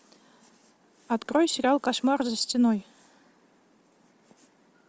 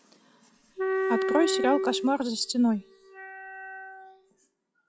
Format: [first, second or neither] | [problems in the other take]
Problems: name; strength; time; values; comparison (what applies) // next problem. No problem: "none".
first | noise reduction (classical method log-MMSE)